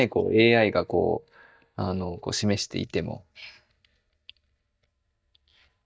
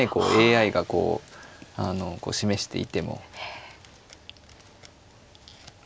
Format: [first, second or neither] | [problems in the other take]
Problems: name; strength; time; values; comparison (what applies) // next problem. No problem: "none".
second | noise reduction (neural mask model DeepFilterNet 3)